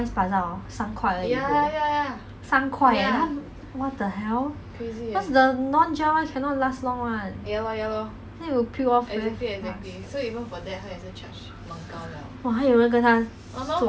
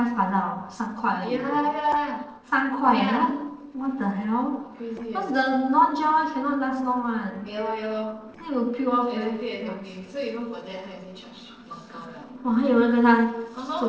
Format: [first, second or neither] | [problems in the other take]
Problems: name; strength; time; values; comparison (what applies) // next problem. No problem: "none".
first | noise reduction (neural separator model SepFormer DNS4)